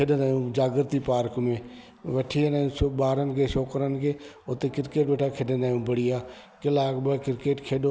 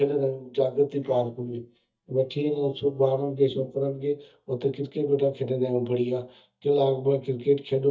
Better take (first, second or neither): first